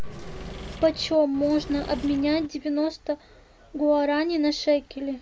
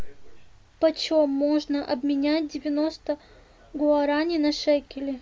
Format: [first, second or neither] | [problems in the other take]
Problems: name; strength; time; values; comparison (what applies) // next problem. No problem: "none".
second | background sound (Engine / Mechanisms); 13 dB below the speech